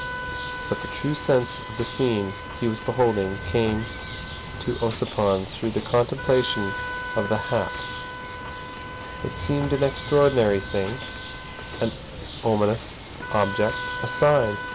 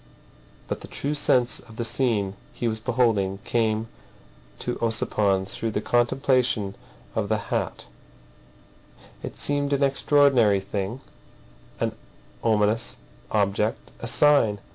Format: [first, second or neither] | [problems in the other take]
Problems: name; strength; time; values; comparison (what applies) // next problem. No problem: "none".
second | background sound (Wind instrument, woodwind instrument + Bird); 8 dB below the speech